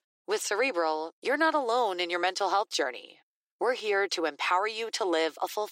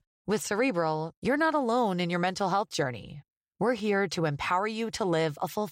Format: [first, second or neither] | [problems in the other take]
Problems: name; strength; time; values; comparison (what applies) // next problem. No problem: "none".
second | thin; very; fading below 350 Hz